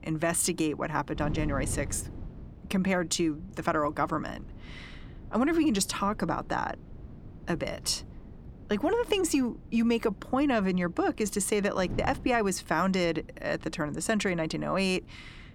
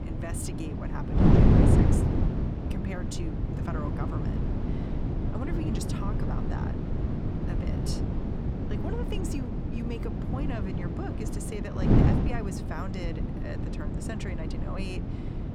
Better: first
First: wind noise on the microphone; occasional gusts; 25 dB below the speech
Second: wind noise on the microphone; heavy; 5 dB above the speech

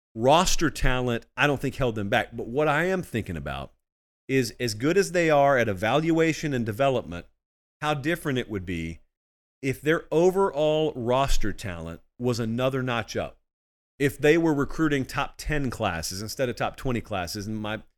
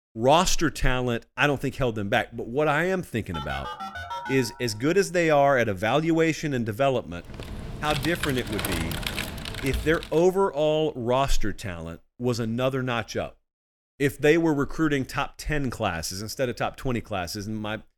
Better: first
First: none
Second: phone ringing; noticeable; from 3.5 to 4.5 s; peak 8 dB below the speech // keyboard typing; noticeable; from 7.5 to 10 s; peak 4 dB below the speech

